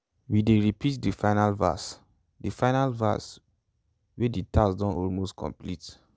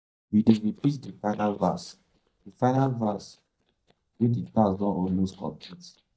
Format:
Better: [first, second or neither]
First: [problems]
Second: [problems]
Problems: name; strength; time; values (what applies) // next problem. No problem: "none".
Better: first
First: none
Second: noise reduction (neural mask model DeepFilterNet 3)